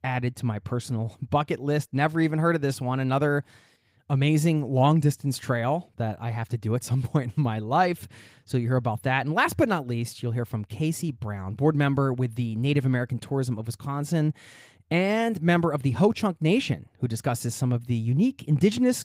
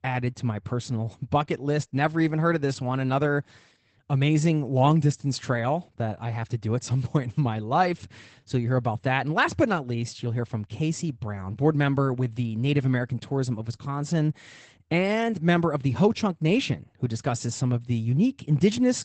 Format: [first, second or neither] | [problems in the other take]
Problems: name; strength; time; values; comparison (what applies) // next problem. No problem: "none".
first | garbled, watery; badly; nothing above 8 kHz; slightly in the first